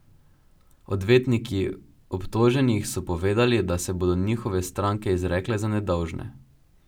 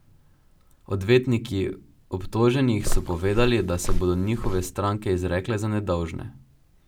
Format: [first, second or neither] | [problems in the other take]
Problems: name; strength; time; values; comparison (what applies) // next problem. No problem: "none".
first | background sound (Walk, footsteps); as loud as the speech